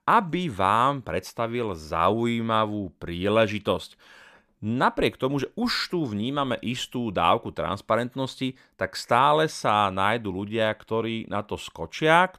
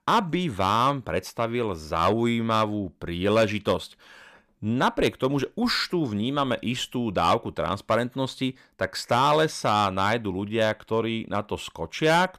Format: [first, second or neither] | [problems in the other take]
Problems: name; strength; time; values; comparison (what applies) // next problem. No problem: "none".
first | distortion; slight; 3% of the sound clipped